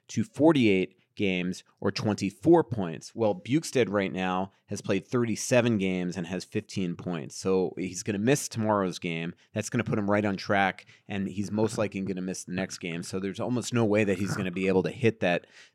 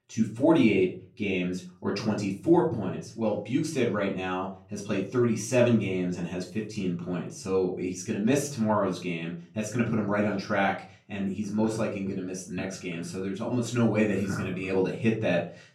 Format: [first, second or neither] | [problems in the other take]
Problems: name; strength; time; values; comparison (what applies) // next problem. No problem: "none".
first | off-mic speech; far // room echo; slight; dies away in 0.3 s